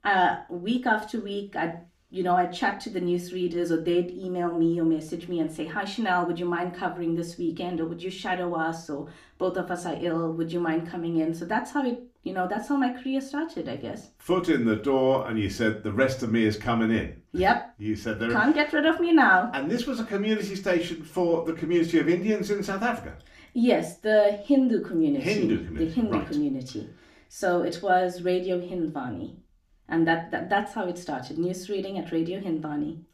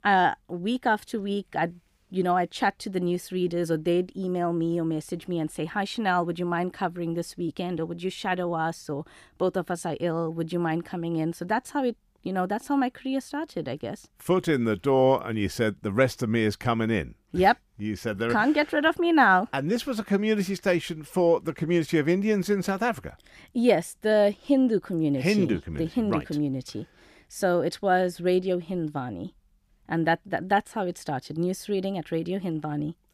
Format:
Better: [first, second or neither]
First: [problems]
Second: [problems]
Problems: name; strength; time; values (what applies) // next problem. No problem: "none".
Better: second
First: room echo; very slight; dies away in 0.3 s // off-mic speech; somewhat distant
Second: none